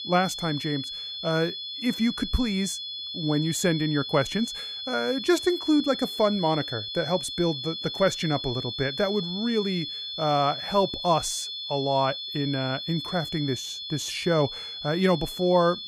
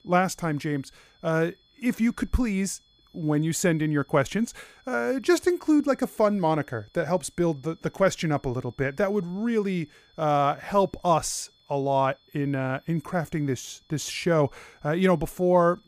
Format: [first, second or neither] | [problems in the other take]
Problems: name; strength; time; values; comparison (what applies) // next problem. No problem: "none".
second | high-pitched whine; loud; throughout; 3.5 kHz, 6 dB below the speech; faint in the second